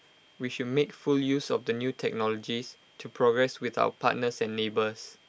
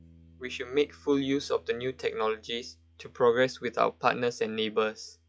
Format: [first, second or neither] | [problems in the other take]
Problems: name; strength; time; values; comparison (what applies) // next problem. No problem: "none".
first | noise reduction (classical method log-MMSE)